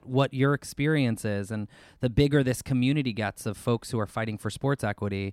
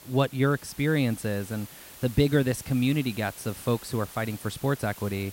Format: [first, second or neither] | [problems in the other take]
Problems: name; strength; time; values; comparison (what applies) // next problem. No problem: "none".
first | hiss; noticeable; throughout; 15 dB below the speech